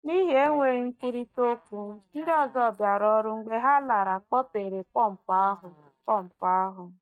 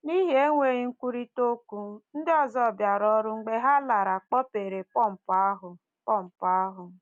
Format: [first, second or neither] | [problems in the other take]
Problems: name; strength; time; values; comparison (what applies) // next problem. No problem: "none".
second | noise reduction (neural mask model DeepFilterNet 3)